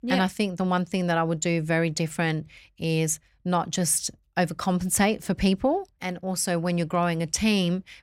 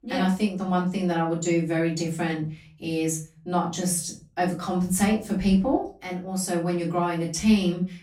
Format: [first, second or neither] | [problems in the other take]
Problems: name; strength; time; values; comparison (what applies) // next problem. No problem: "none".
first | off-mic speech; far // room echo; slight; dies away in 0.3 s